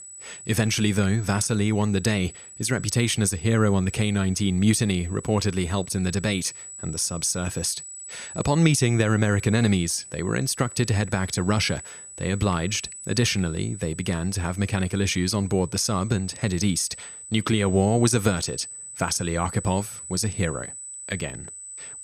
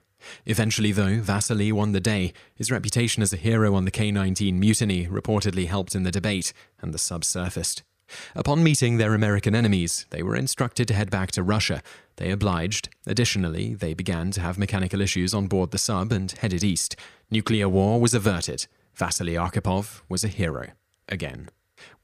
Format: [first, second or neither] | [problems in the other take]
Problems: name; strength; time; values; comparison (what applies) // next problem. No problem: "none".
second | high-pitched whine; noticeable; throughout; 8 kHz, 15 dB below the speech